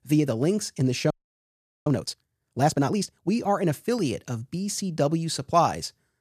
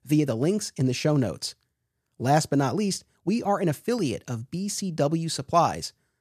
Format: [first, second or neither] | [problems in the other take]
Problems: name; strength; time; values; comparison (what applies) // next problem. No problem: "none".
second | audio freezing; at 1 s for 1 s